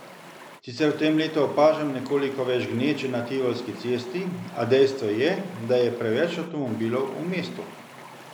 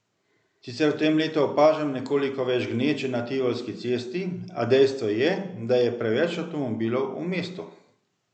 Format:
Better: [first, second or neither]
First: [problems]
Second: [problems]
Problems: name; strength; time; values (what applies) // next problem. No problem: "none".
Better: second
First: background sound (Stream); 18 dB below the speech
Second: none